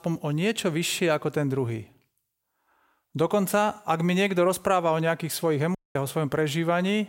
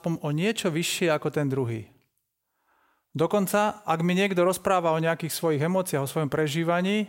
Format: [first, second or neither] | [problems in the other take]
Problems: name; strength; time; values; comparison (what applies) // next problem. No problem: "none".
second | audio cutting out; at 6 s